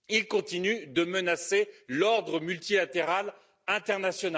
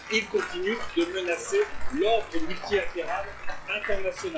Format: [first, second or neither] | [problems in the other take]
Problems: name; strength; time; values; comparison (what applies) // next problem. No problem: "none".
first | noise reduction (classical method log-MMSE)